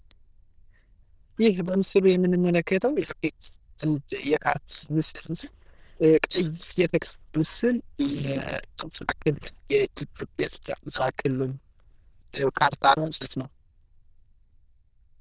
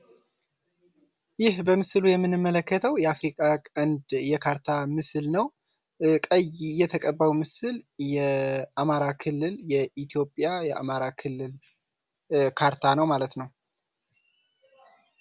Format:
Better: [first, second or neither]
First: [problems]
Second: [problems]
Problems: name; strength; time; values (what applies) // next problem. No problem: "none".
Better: second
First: noise reduction (neural diffusion model UNIVERSE++)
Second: none